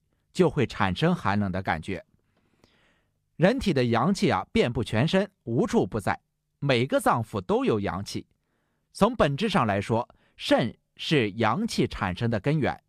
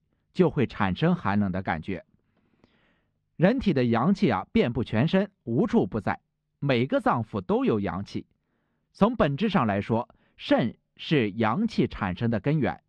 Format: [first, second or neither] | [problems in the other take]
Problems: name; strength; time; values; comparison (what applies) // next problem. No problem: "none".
first | muffled; very slightly; fading above 3.5 kHz